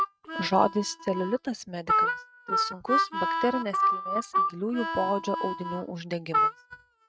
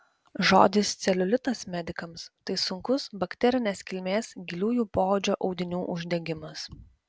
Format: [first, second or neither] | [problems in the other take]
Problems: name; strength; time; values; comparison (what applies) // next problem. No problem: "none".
second | noise reduction (neural mask model RNNoise)